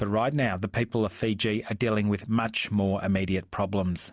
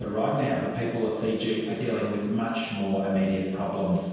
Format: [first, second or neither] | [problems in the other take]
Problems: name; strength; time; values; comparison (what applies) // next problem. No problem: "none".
first | room echo; dies away in 1.2 s